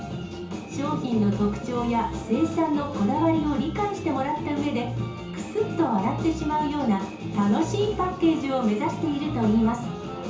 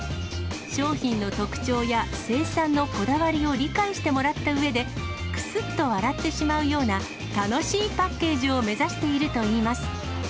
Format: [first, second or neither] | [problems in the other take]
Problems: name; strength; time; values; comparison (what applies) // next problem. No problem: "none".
second | room echo; dies away in 0.6 s